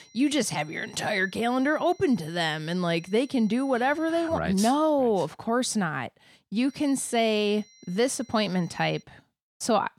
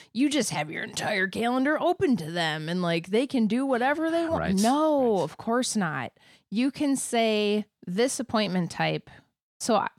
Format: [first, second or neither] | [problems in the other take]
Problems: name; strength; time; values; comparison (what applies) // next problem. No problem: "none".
second | high-pitched whine; faint; until 4.5 s and from 6.5 to 9 s; 4 kHz, 30 dB below the speech